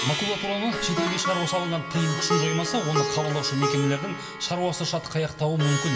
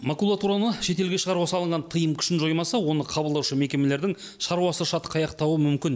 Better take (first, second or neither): second